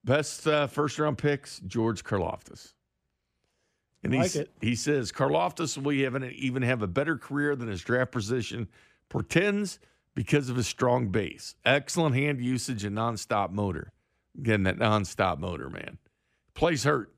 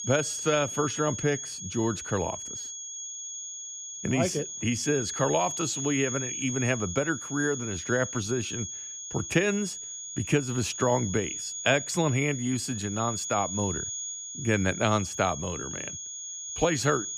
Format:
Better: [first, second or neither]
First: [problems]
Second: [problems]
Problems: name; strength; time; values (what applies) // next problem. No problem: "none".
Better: first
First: none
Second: high-pitched whine; loud; throughout; 6.5 kHz, 5 dB below the speech